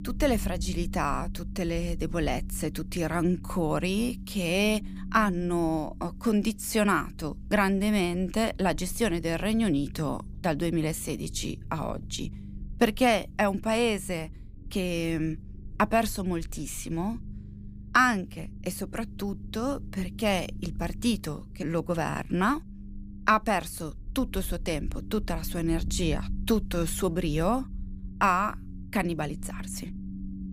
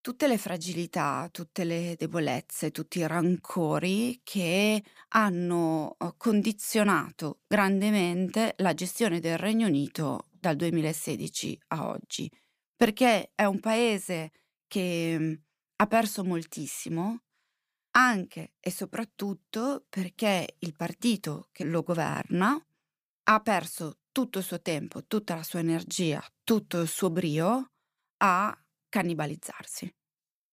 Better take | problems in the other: second | low rumble; faint; throughout; 25 dB below the speech

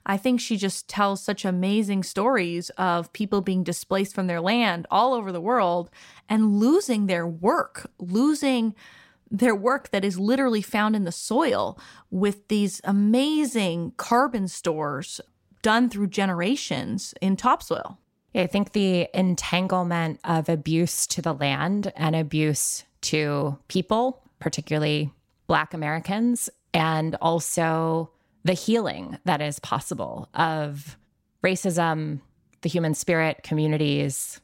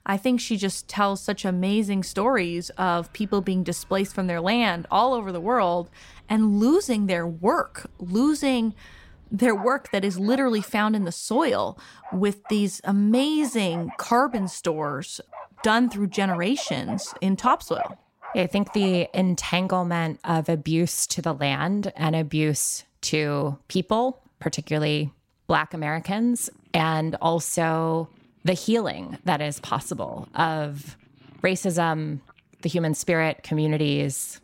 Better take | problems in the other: first | animal sounds; noticeable; throughout; 20 dB below the speech

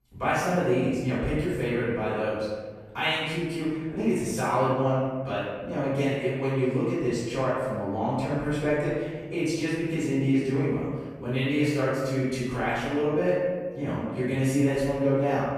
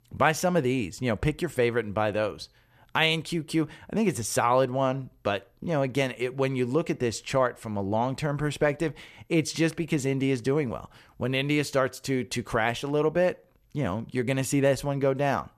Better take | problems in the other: second | off-mic speech; far // room echo; strong; dies away in 1.4 s

